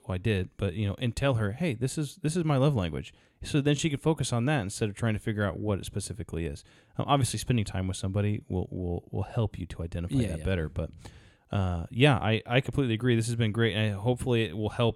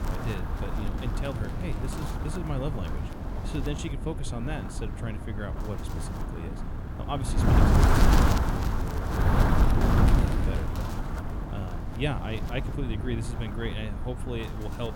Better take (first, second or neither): first